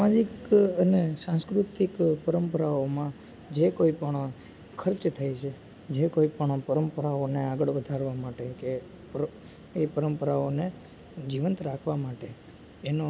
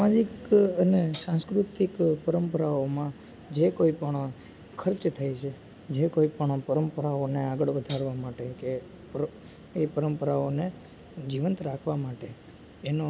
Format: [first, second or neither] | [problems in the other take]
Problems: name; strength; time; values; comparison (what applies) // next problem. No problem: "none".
first | background sound (Hi-hat); 18 dB below the speech